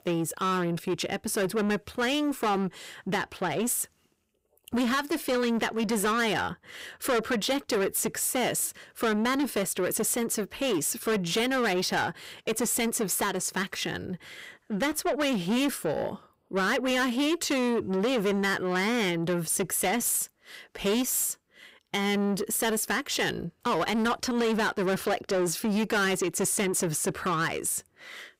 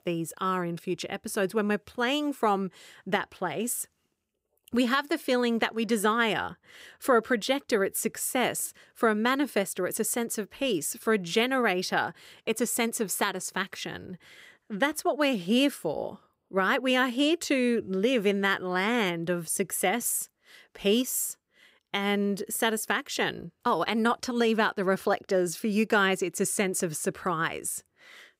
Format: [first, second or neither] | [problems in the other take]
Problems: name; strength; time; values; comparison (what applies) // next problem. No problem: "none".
second | distortion; heavy; 7 dB below the speech